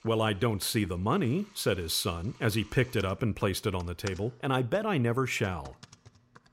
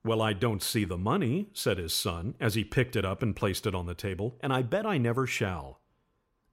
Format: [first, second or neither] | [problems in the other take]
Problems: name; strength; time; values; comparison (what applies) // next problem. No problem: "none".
second | household noises; faint; throughout; 25 dB below the speech